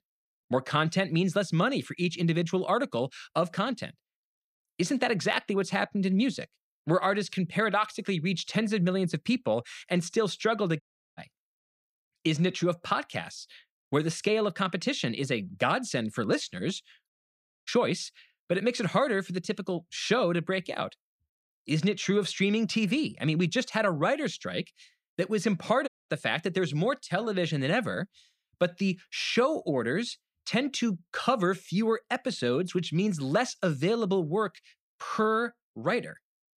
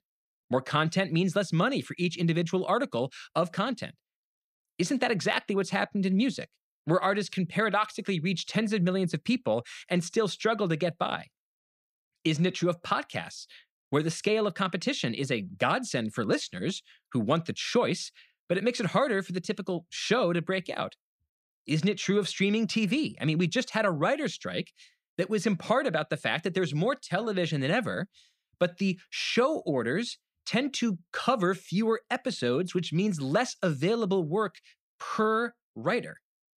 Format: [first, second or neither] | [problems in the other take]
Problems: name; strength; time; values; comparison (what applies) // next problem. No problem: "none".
second | audio cutting out; at 11 s, at 17 s for 0.5 s and at 26 s